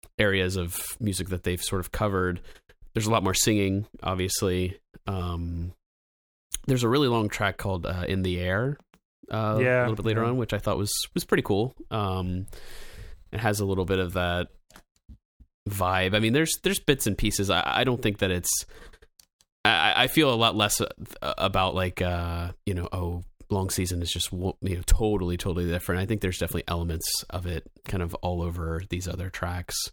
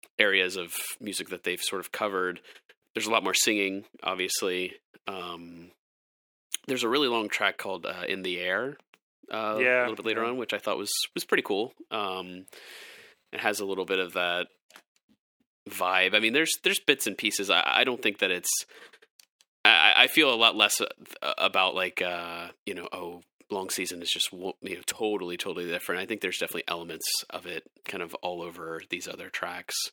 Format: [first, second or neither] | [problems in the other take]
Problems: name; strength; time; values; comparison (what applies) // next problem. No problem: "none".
first | thin; somewhat; fading below 300 Hz